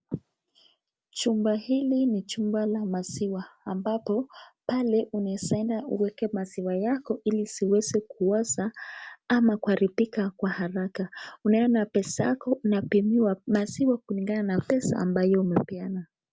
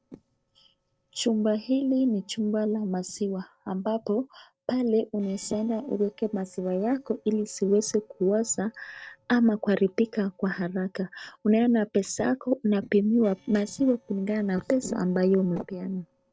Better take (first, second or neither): first